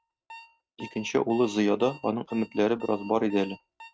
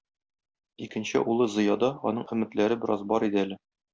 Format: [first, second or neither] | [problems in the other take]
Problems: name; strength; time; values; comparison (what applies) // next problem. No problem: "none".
second | noise reduction (neural mask model RNNoise)